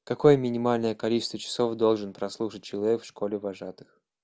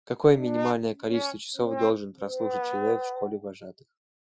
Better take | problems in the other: first | noise reduction (classical method Wiener filter)

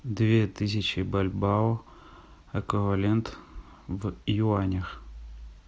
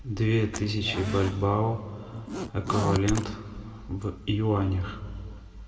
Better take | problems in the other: first | background sound (Zipper (clothing)); 7 dB below the speech // room echo; dies away in 1.9 s

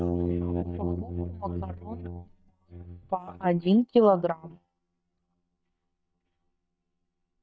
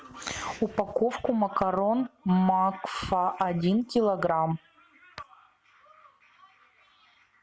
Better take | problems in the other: second | noise reduction (neural mask model DeepFilterNet 3)

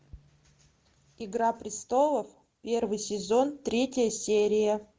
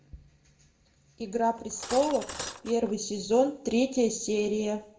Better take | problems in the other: first | background sound (Cutlery, silverware); 11 dB below the speech // room echo; dies away in 0.5 s

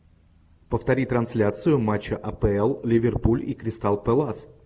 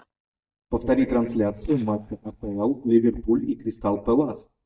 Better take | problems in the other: first | noise reduction (neural mask model DeepFilterNet 3)

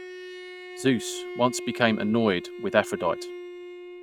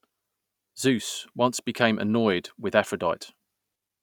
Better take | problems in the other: second | noise reduction (neural mask model RNNoise)

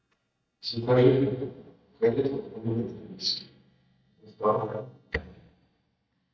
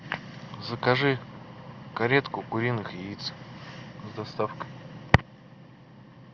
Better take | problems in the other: second | noise reduction (neural mask model DeepFilterNet 3)

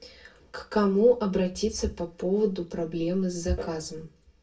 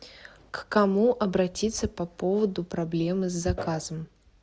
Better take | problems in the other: second | room echo; dies away in 0.2 s

